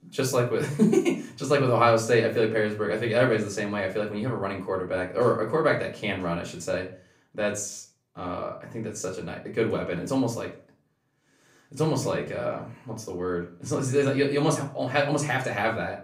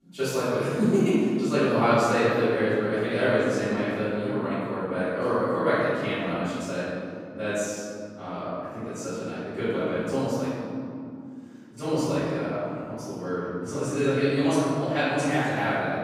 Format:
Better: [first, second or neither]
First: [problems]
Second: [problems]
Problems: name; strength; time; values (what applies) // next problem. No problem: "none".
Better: first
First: room echo; slight; dies away in 0.3 s // off-mic speech; far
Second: room echo; strong; dies away in 2.9 s // off-mic speech; far